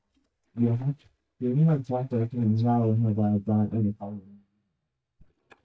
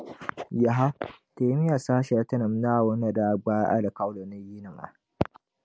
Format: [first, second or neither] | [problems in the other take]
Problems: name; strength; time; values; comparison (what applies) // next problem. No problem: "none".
second | noise reduction (neural mask model DeepFilterNet 3)